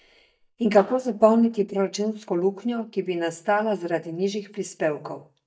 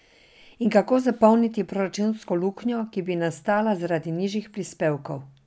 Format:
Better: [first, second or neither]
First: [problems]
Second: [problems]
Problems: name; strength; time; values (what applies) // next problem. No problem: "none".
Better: second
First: noise reduction (neural mask model DeepFilterNet 3)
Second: none